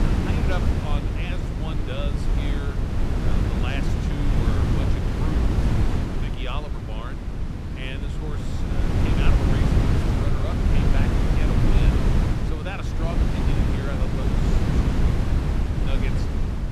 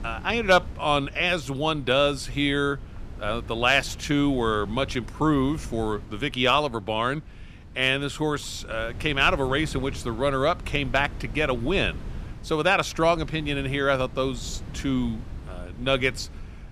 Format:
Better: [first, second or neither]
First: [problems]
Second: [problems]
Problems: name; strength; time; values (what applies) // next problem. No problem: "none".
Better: second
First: wind noise on the microphone; heavy; 4 dB above the speech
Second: wind noise on the microphone; occasional gusts; 25 dB below the speech